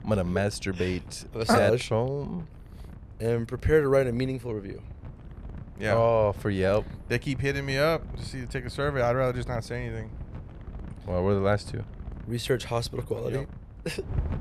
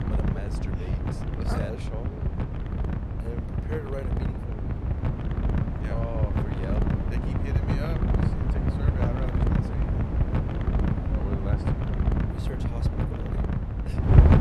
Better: first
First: wind noise on the microphone; occasional gusts; 25 dB below the speech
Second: wind noise on the microphone; heavy; 5 dB above the speech

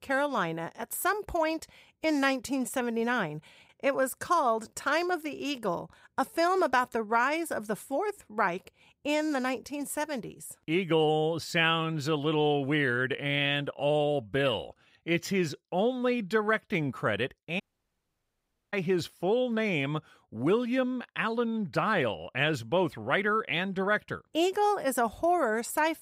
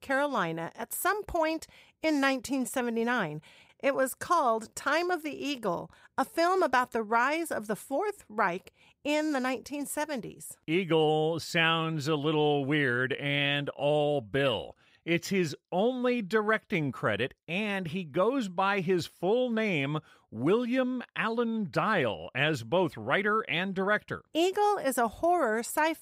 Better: second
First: audio cutting out; at 18 s for 1 s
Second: none

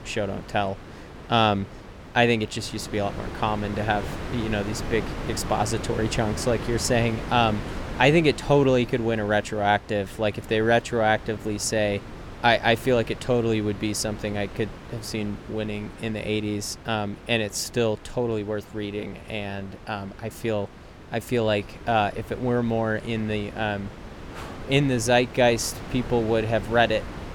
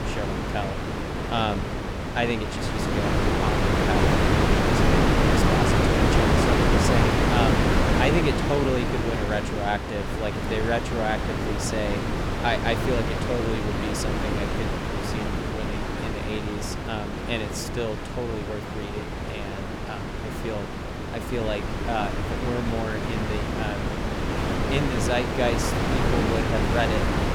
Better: first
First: wind noise on the microphone; occasional gusts; 15 dB below the speech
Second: wind noise on the microphone; heavy; 3 dB above the speech

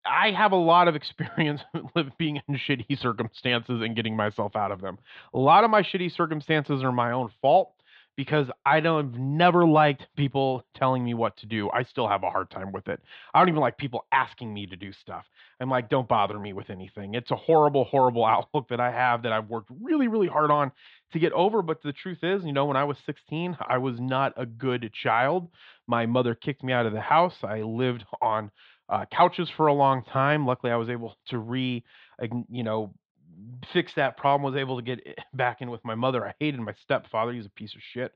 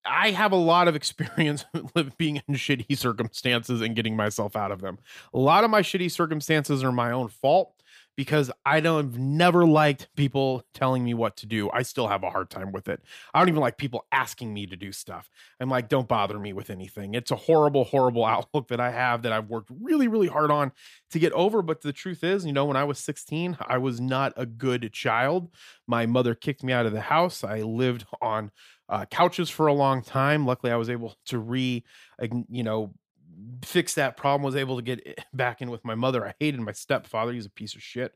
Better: second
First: muffled; slightly; fading above 3.5 kHz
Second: none

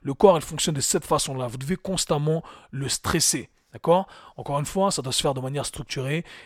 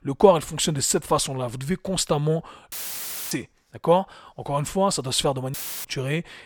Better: first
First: none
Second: audio cutting out; filled with static; at 2.5 s for 0.5 s and at 5.5 s

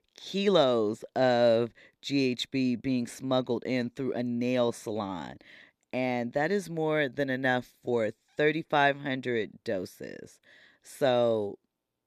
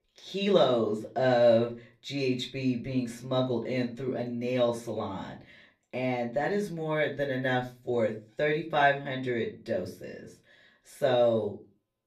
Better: first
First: none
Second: off-mic speech; far // room echo; very slight; dies away in 0.3 s

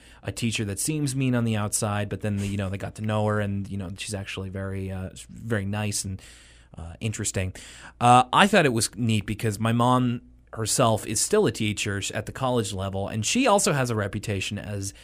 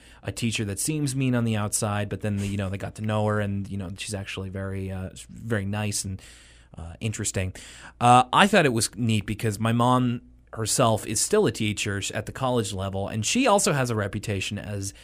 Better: neither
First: none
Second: none

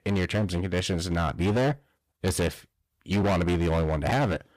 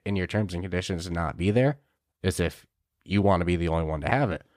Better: second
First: distortion; heavy; 17% of the sound clipped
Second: none

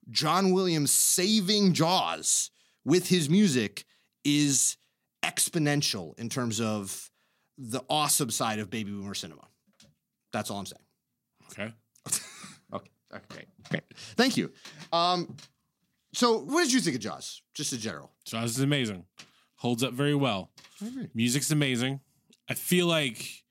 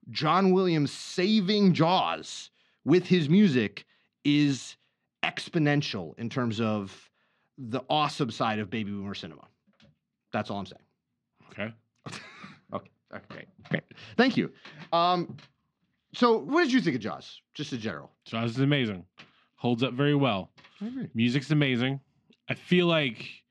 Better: first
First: none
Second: muffled; slightly; fading above 3.5 kHz

